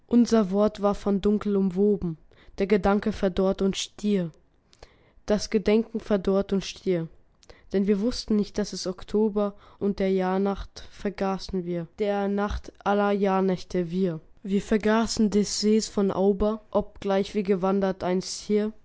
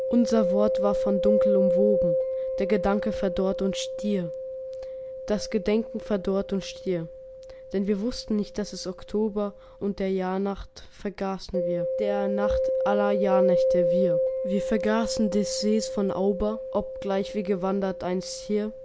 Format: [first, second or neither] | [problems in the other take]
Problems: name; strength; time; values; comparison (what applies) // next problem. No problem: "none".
first | background sound (Mallet percussion); 1 dB below the speech